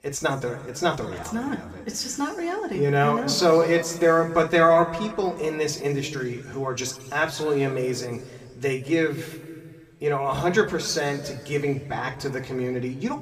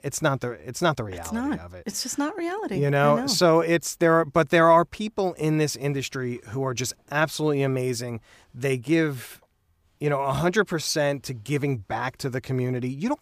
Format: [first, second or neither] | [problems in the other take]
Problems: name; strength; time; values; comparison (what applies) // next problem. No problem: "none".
second | room echo; slight; dies away in 1.8 s // off-mic speech; somewhat distant